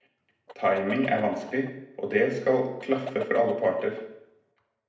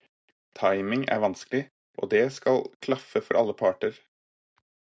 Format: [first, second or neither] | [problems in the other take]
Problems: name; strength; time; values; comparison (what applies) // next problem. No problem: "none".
second | background sound (Chicken, rooster); 15 dB below the speech // room echo; dies away in 0.7 s